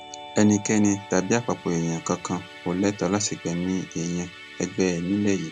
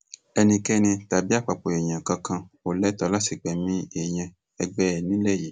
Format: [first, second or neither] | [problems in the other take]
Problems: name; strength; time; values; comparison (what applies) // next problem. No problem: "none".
second | background sound (Musical instrument); 17 dB below the speech